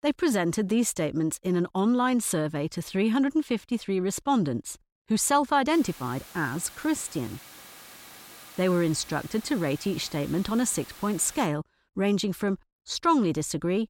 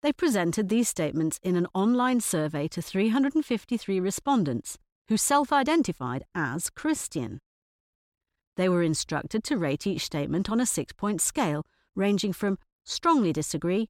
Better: second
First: hiss; noticeable; from 5.5 to 11 s; 20 dB below the speech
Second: none

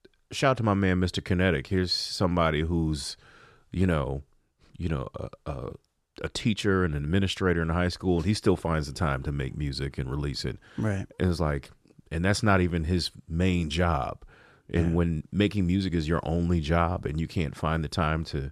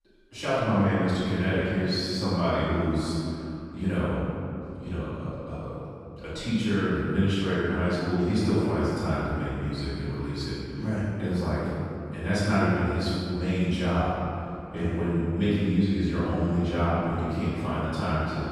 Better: first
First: none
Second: off-mic speech; far // room echo; strong; dies away in 2.5 s

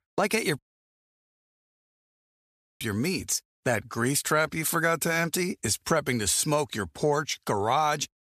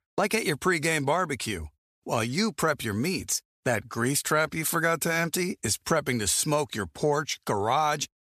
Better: second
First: audio cutting out; at 0.5 s for 2 s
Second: none

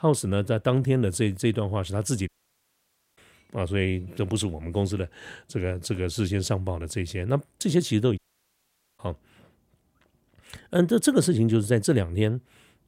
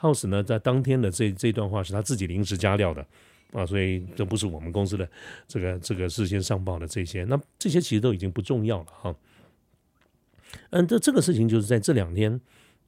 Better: second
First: audio cutting out; at 2.5 s for 1 s and at 8 s for 1 s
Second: none

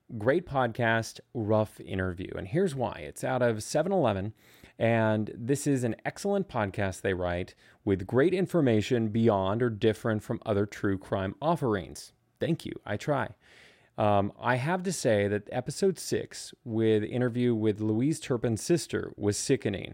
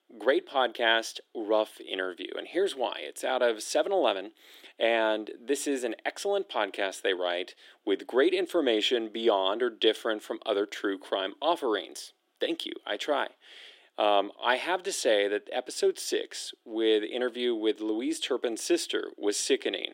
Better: first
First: none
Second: thin; somewhat; fading below 300 Hz

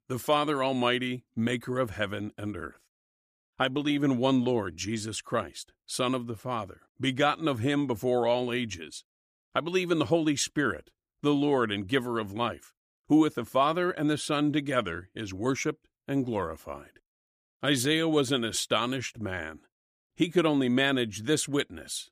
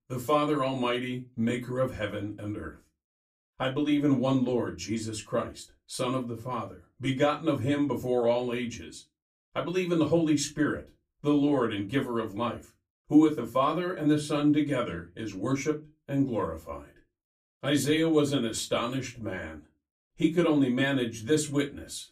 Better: first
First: none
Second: off-mic speech; far // room echo; very slight; dies away in 0.2 s

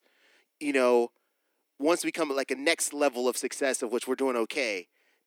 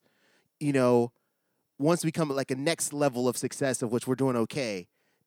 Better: second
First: thin; very slightly; fading below 300 Hz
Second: none

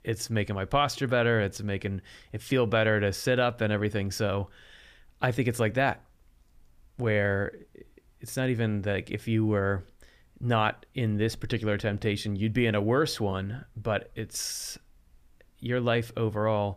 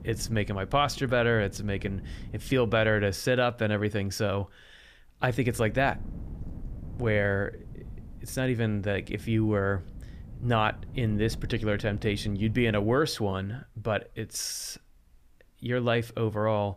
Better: first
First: none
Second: wind noise on the microphone; occasional gusts; until 3 s and from 5.5 to 13 s; 25 dB below the speech

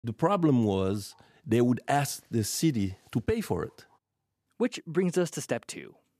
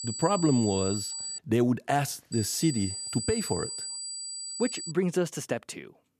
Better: first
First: none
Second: high-pitched whine; loud; until 1.5 s and from 2.5 to 5 s; 8 kHz, 5 dB below the speech

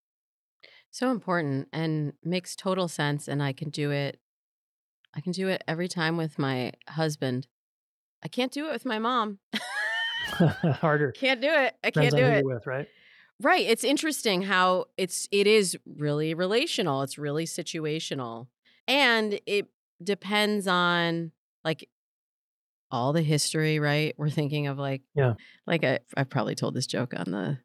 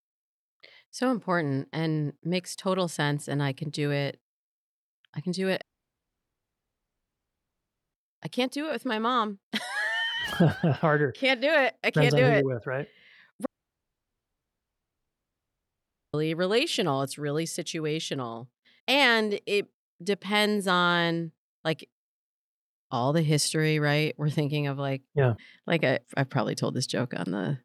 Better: first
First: none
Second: audio cutting out; at 5.5 s for 2.5 s and at 13 s for 2.5 s

